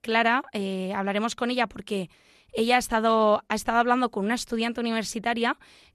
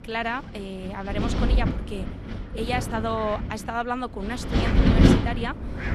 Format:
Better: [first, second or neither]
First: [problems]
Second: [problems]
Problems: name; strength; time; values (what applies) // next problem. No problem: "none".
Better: first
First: none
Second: wind noise on the microphone; heavy; 1 dB below the speech